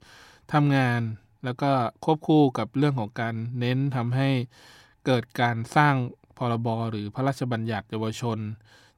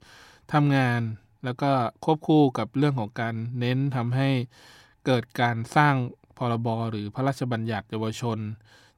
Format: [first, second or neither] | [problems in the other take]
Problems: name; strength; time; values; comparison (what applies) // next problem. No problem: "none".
neither | none